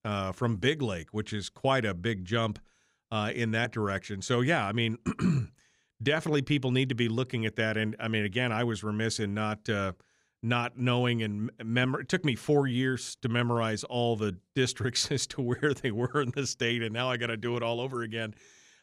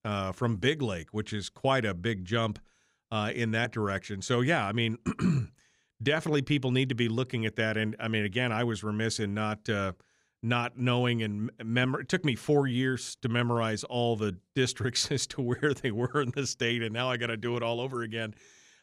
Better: neither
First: none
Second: none

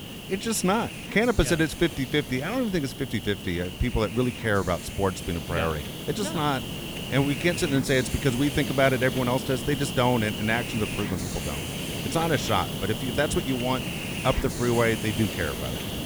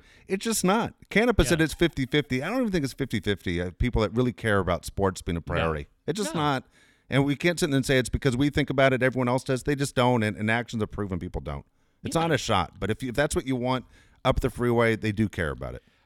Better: second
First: hiss; loud; throughout; 6 dB below the speech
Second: none

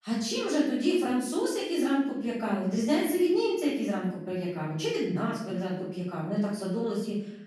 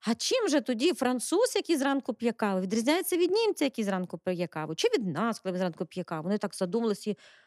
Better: second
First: off-mic speech; far // room echo; noticeable; dies away in 0.9 s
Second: none

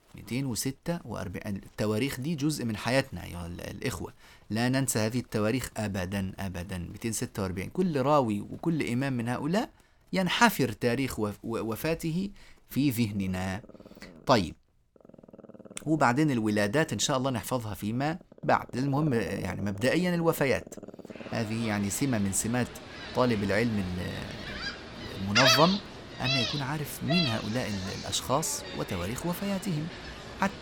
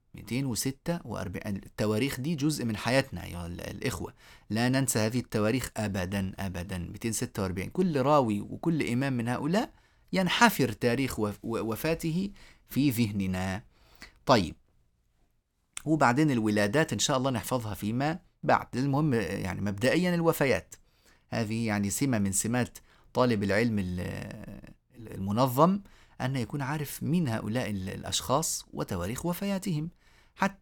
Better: second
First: animal sounds; loud; throughout; 4 dB below the speech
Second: none

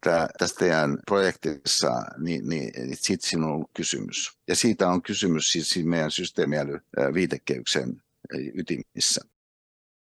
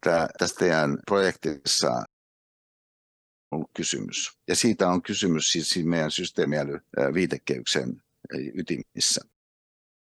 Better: first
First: none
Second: audio cutting out; at 2 s for 1.5 s

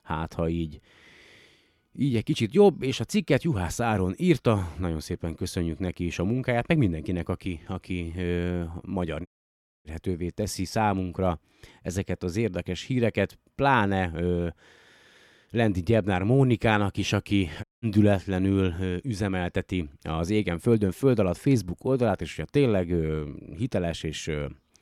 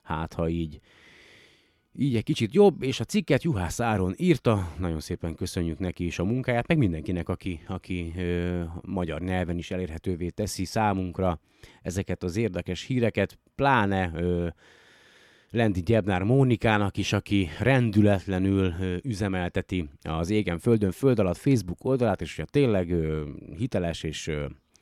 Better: second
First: audio cutting out; at 9.5 s for 0.5 s and at 18 s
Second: none

